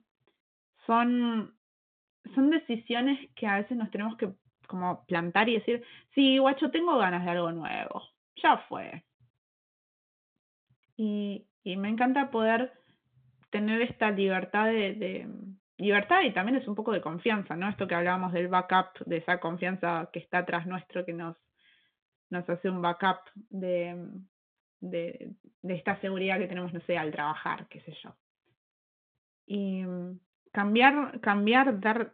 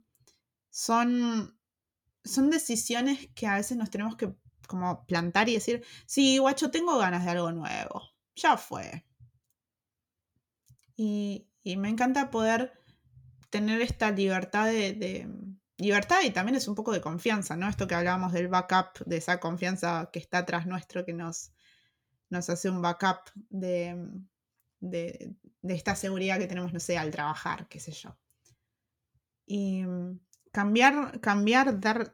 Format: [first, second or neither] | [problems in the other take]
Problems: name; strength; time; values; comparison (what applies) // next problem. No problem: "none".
second | phone-call audio